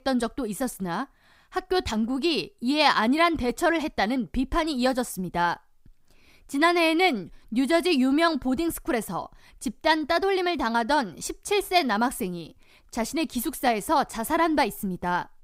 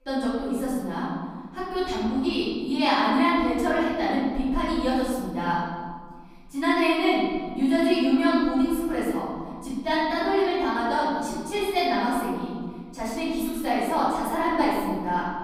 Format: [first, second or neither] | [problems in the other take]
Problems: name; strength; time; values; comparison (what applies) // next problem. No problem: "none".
first | room echo; strong; dies away in 1.7 s // off-mic speech; far